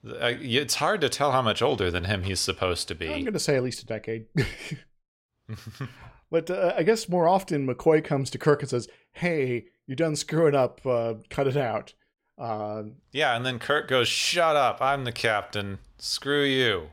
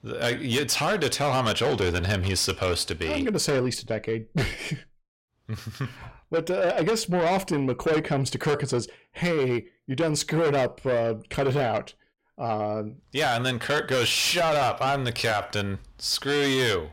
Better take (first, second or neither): first